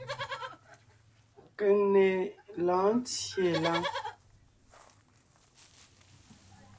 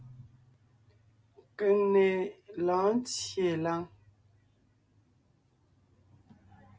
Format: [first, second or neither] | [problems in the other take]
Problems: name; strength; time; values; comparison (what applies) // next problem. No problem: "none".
second | background sound (Livestock, farm animals, working animals); 11 dB below the speech